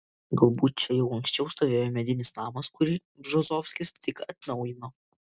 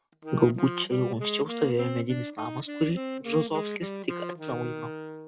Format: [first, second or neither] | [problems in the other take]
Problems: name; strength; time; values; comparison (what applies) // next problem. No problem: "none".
first | background sound (Wind instrument, woodwind instrument); 7 dB below the speech